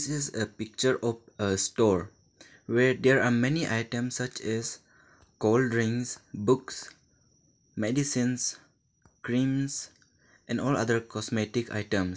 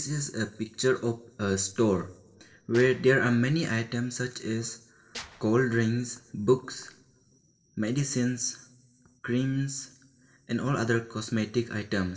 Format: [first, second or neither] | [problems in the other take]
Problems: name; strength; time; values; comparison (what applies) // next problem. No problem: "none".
first | noise reduction (neural separator model SepFormer DNS4)